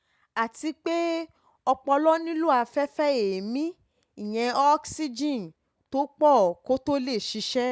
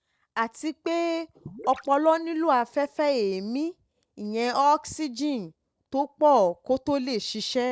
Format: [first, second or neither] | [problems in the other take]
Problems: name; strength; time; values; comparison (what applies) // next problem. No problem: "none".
first | noise reduction (neural separator model SepFormer DNS4)